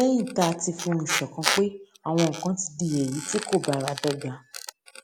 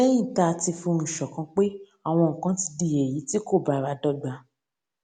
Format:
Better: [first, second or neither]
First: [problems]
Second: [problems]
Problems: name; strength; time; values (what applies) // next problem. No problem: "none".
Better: second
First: background sound (Squeak); 7 dB below the speech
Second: none